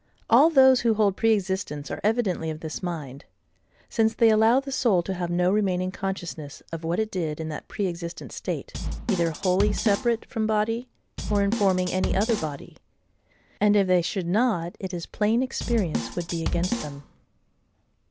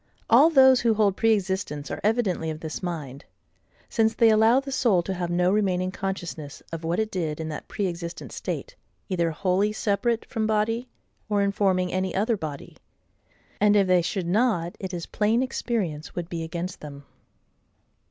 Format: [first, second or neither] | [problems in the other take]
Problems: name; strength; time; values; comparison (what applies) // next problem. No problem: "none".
second | background sound (Drum kit); 5 dB below the speech